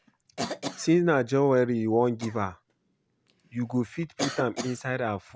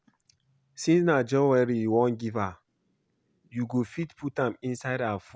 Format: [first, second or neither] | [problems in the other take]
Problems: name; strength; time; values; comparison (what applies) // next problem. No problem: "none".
second | background sound (Cough); 12 dB below the speech